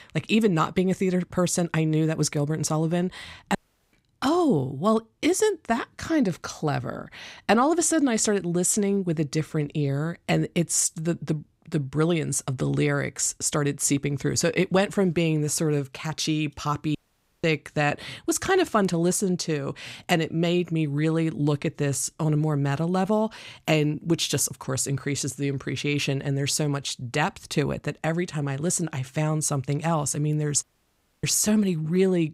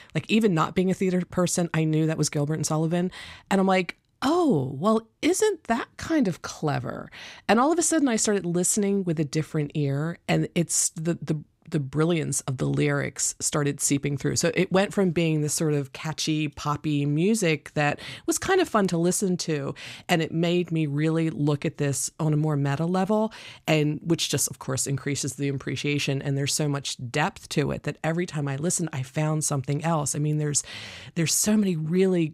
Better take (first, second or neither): second